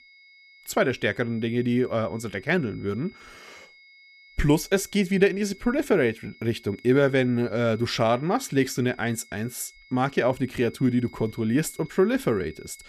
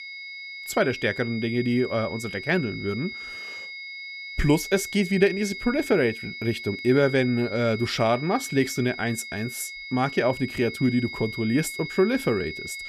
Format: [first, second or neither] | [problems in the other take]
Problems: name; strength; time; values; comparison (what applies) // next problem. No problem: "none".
first | high-pitched whine; loud; throughout; 2 kHz, 10 dB below the speech; faint in the first